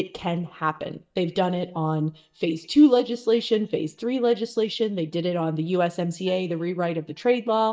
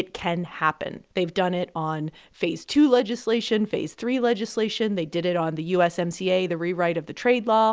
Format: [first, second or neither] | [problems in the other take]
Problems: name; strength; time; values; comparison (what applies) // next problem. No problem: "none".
second | noise reduction (neural mask model DeepFilterNet 3)